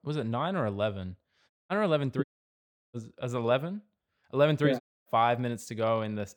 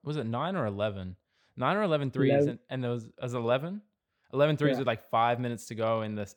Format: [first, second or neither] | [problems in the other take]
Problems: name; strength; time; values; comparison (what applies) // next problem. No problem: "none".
second | audio cutting out; at 1.5 s, at 2 s for 0.5 s and at 5 s